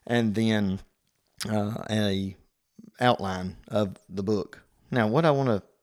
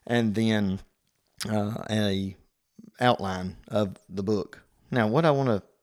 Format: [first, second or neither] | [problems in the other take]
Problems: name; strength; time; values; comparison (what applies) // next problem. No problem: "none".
neither | none